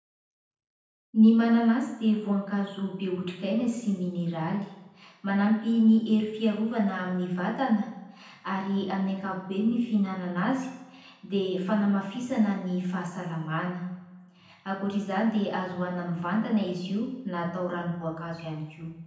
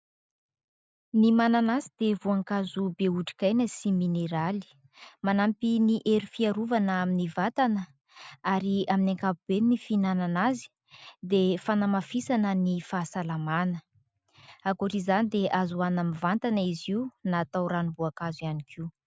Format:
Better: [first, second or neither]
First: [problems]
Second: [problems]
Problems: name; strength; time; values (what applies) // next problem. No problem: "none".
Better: second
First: room echo; dies away in 0.9 s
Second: none